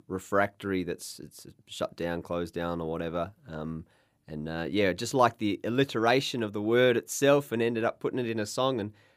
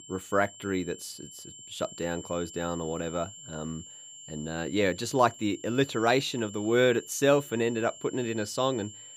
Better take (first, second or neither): first